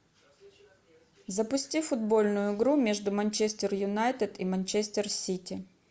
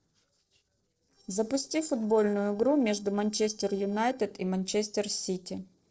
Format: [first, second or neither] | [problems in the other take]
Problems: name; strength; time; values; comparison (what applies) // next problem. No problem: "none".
first | noise reduction (neural separator model SepFormer DNS4)